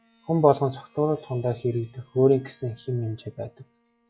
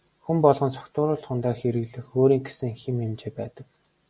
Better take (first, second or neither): second